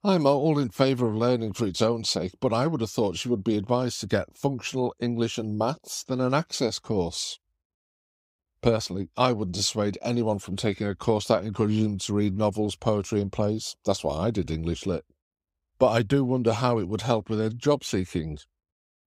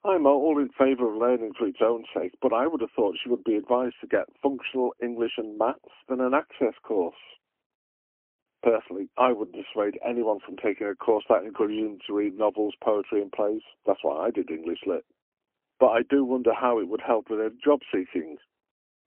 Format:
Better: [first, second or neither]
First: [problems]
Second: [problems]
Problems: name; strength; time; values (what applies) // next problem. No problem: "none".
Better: first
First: none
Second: phone-call audio; poor line; nothing above 3 kHz